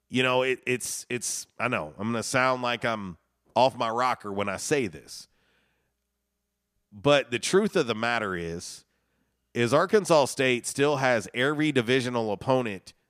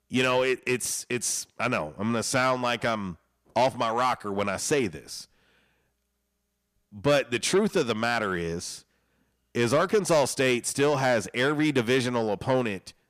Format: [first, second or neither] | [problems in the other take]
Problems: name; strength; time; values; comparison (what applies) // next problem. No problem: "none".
first | distortion; slight; 10 dB below the speech